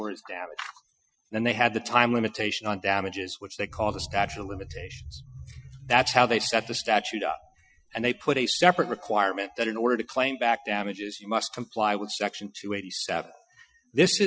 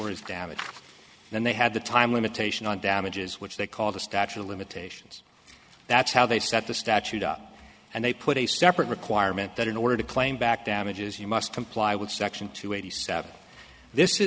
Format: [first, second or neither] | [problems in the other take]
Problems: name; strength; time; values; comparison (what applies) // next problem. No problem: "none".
second | noise reduction (classical method Wiener filter)